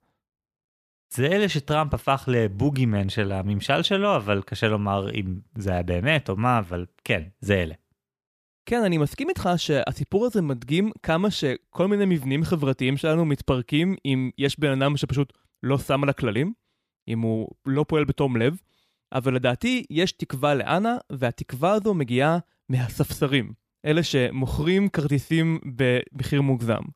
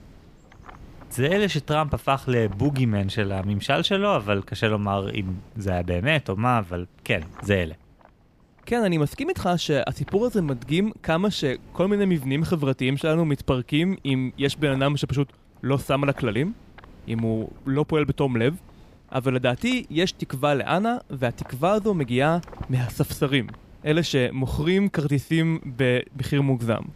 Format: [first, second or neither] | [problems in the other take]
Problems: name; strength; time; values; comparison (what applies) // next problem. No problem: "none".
first | wind noise on the microphone; occasional gusts; 25 dB below the speech